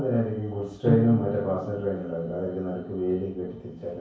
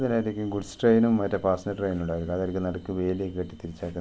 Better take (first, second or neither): second